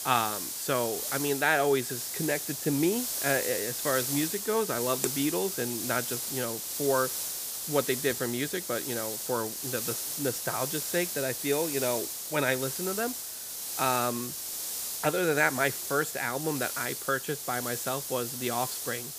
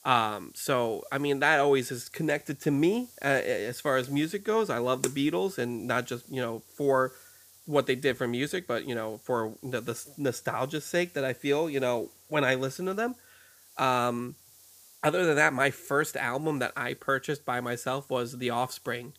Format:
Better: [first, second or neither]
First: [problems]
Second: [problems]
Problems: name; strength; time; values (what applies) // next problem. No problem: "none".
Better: second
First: hiss; loud; throughout; 2 dB below the speech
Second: hiss; faint; throughout; 25 dB below the speech